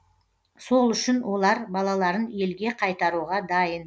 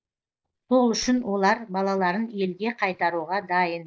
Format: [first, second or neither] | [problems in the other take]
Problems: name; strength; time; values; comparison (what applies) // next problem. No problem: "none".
first | noise reduction (neural mask model DeepFilterNet 3)